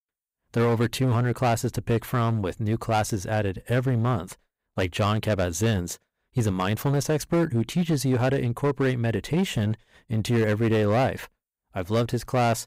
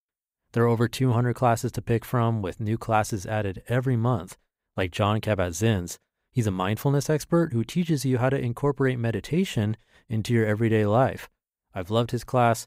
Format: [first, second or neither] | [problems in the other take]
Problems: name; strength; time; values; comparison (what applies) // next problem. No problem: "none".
second | distortion; slight; 10% of the sound clipped